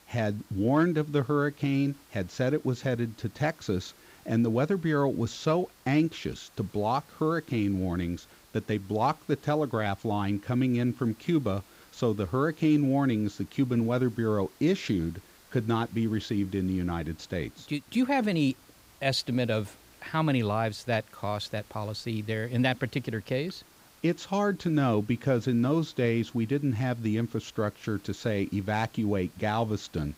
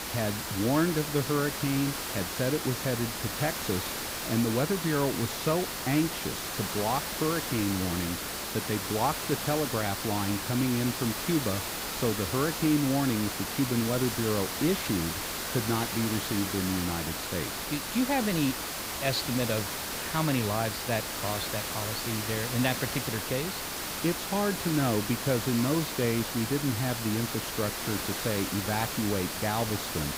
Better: first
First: hiss; faint; throughout; 25 dB below the speech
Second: hiss; loud; throughout; 2 dB below the speech

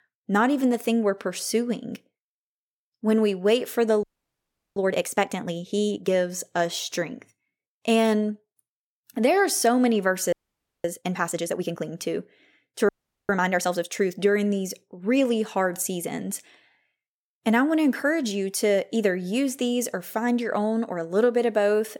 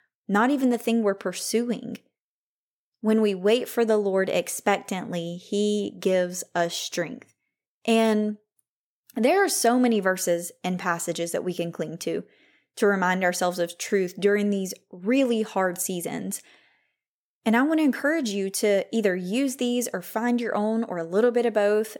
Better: second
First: audio freezing; at 4 s for 0.5 s, at 10 s for 0.5 s and at 13 s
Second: none

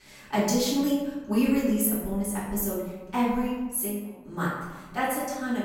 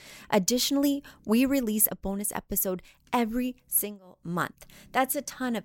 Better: second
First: off-mic speech; far // room echo; noticeable; dies away in 1.1 s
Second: none

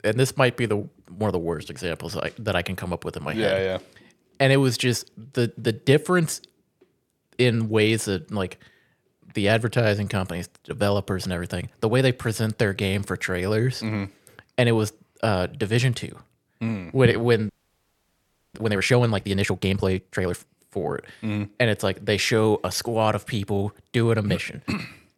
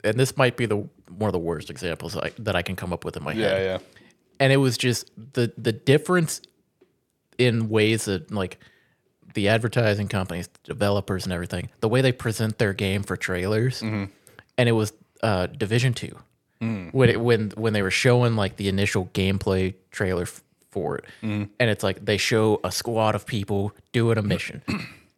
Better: second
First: audio freezing; at 17 s for 1 s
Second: none

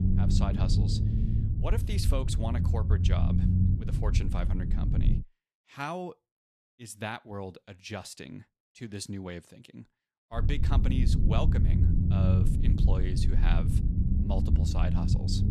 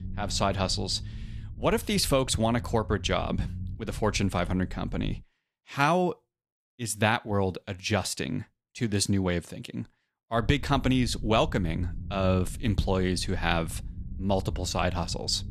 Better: second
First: low rumble; loud; until 5 s and from 10 s on; 2 dB below the speech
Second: low rumble; faint; until 5 s and from 10 s on; 25 dB below the speech

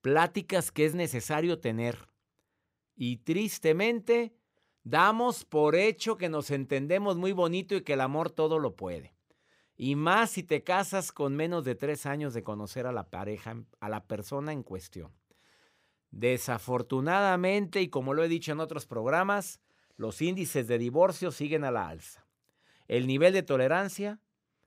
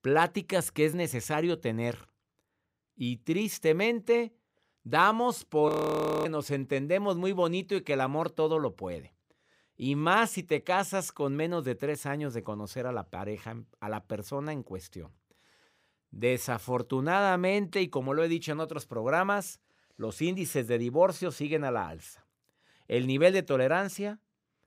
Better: first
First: none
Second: audio freezing; at 5.5 s for 0.5 s

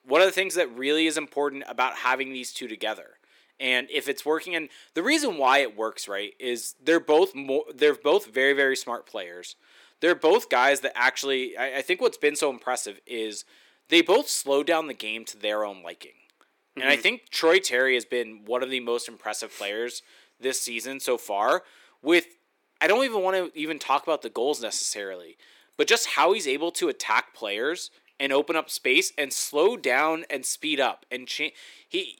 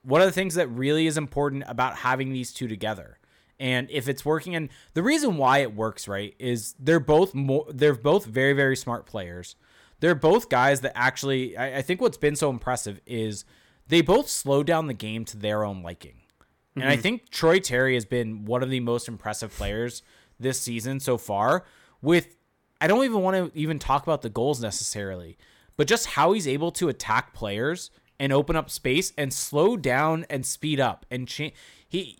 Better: second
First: thin; somewhat; fading below 350 Hz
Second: none

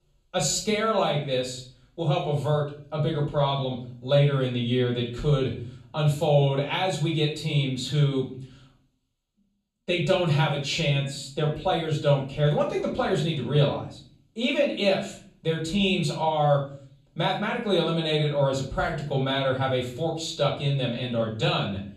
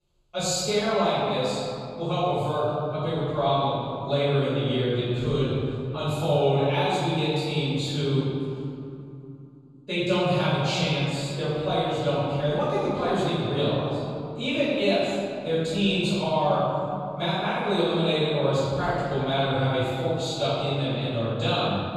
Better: first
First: room echo; slight; dies away in 0.5 s // off-mic speech; far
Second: room echo; strong; dies away in 2.7 s // off-mic speech; far

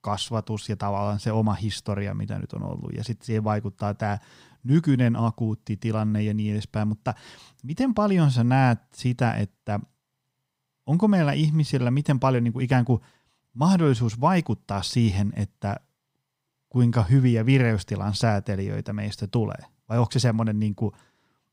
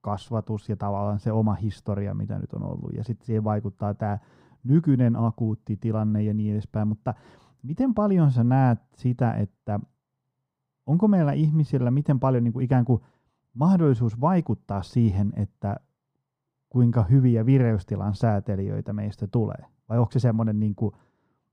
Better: first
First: none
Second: muffled; slightly; fading above 1 kHz

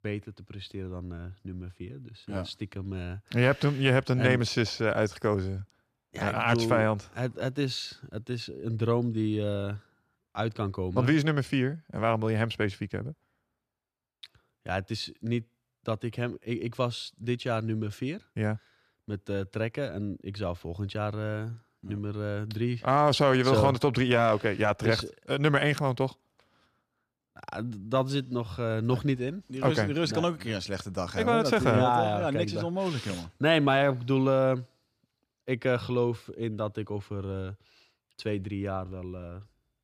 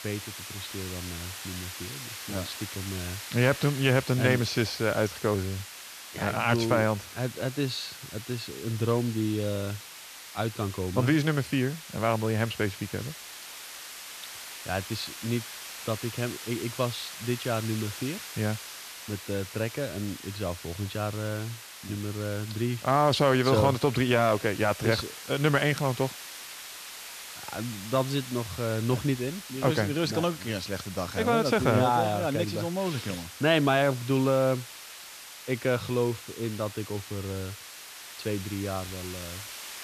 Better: first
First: none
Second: hiss; noticeable; throughout; 10 dB below the speech

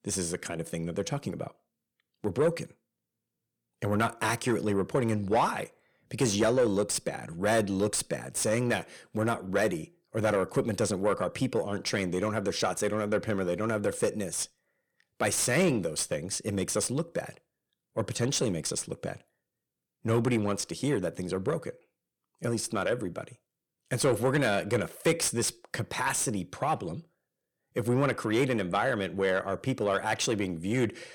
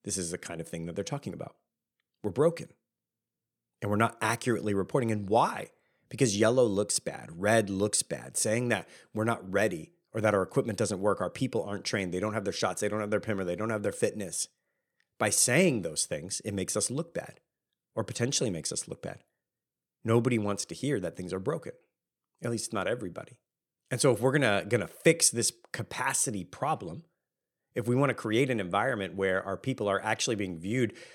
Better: second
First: distortion; slight; 10 dB below the speech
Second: none

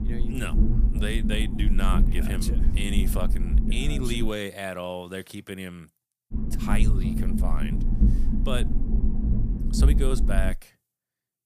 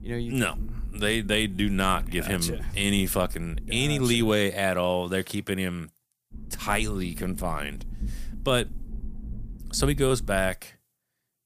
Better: second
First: low rumble; loud; until 4.5 s and from 6.5 to 11 s; 5 dB below the speech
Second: low rumble; faint; until 4.5 s and from 6.5 to 11 s; 25 dB below the speech

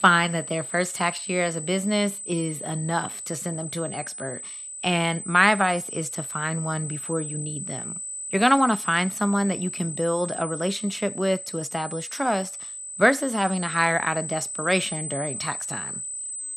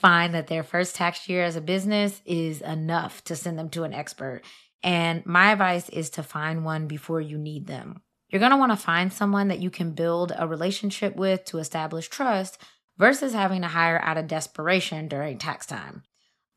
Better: second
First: high-pitched whine; loud; throughout; 8 kHz, 7 dB below the speech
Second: none

